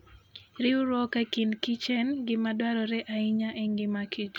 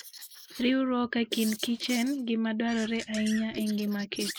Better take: first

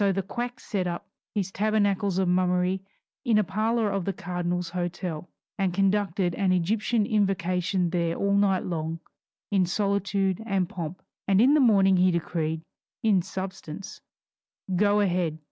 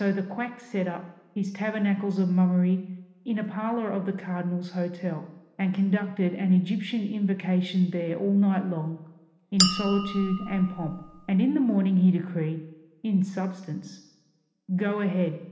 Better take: first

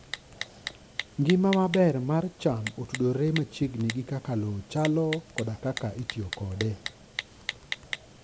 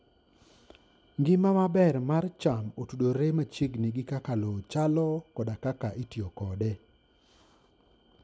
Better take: second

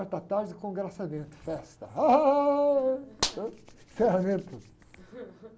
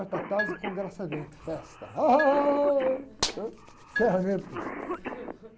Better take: first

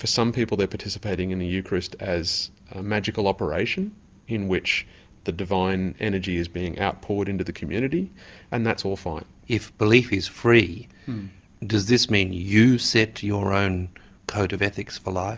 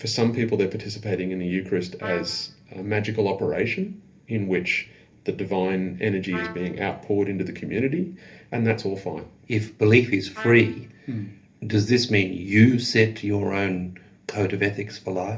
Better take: first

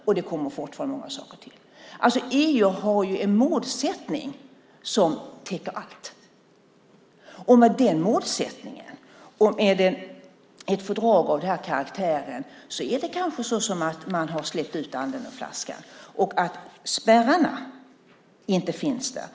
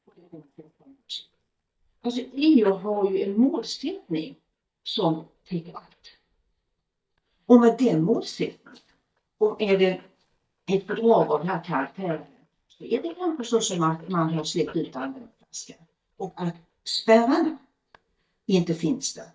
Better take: first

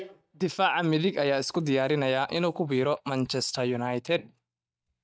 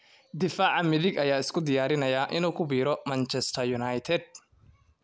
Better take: second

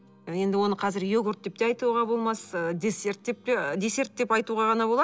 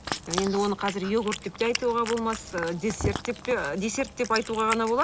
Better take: first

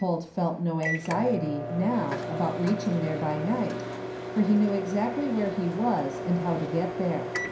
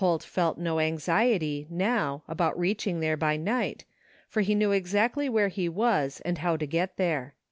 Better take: second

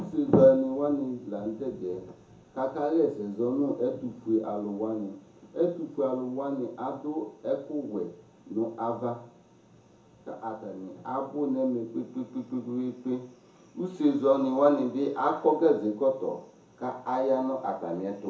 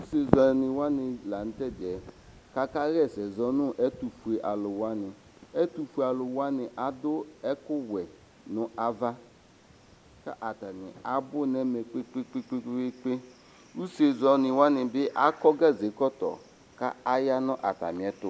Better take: second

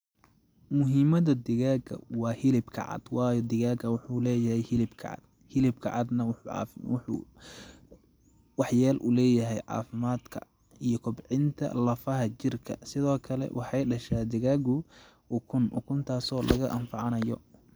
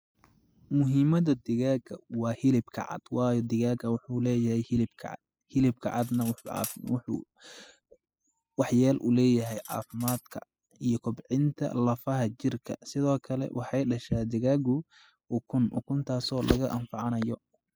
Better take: first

